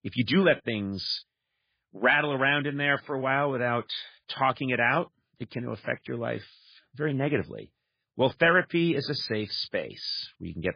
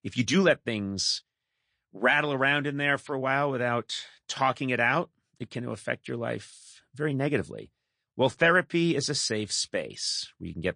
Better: second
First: garbled, watery; badly; nothing above 5 kHz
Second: garbled, watery; slightly; nothing above 9.5 kHz

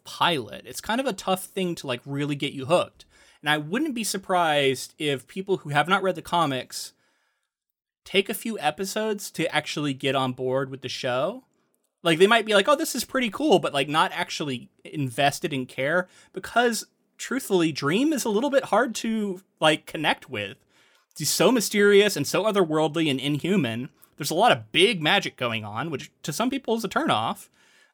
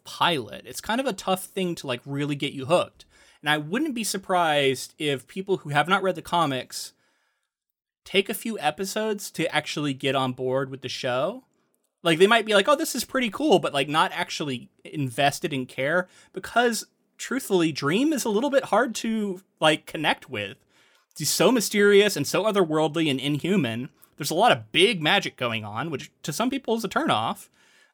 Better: neither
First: none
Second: none

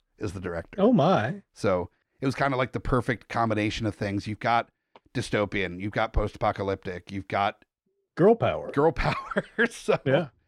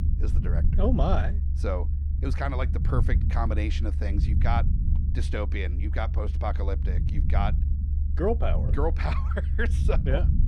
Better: first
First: none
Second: low rumble; noticeable; throughout; 10 dB below the speech

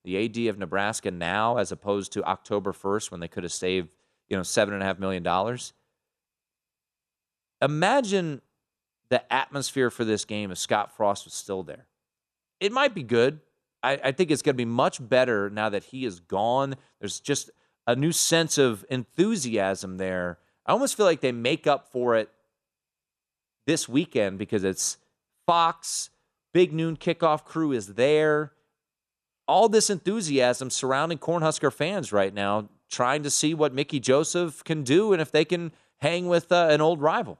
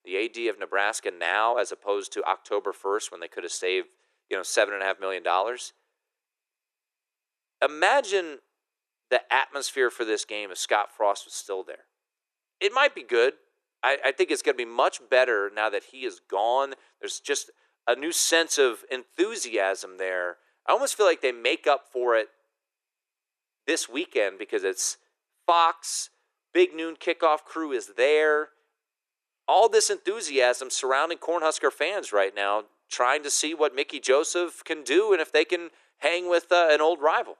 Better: first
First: none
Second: thin; very; fading below 350 Hz

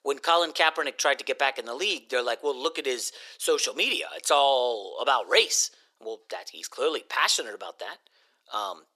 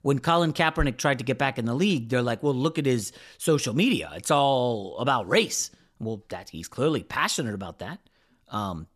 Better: second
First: thin; very; fading below 400 Hz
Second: none

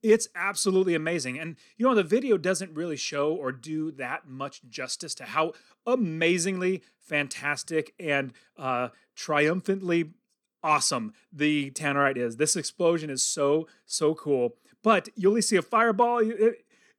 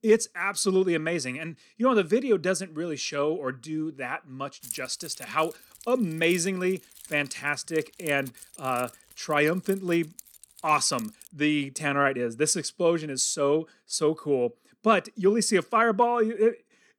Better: first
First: none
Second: jangling keys; faint; from 4.5 to 11 s; peak 10 dB below the speech

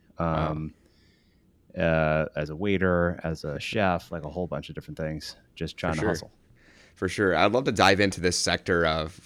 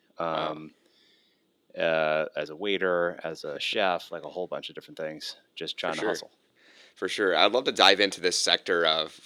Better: first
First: none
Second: thin; somewhat; fading below 400 Hz

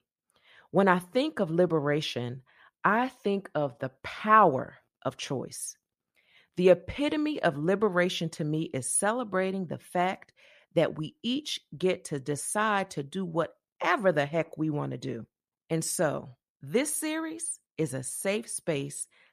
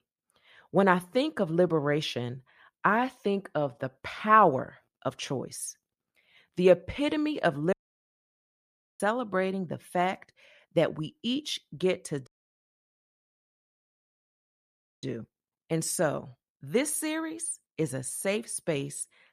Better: first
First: none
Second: audio cutting out; at 7.5 s for 1.5 s and at 12 s for 3 s

